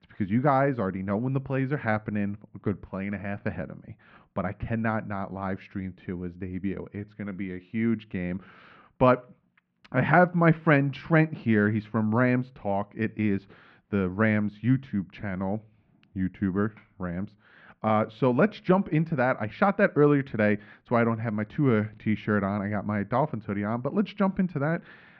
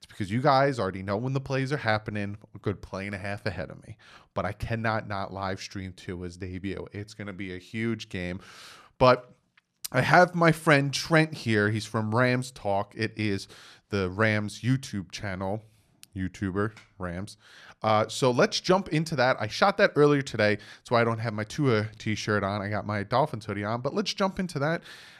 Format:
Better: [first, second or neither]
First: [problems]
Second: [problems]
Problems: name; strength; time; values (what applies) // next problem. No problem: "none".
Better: second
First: muffled; very; fading above 2.5 kHz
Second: none